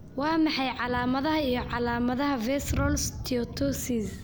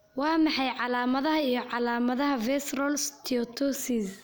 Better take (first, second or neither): second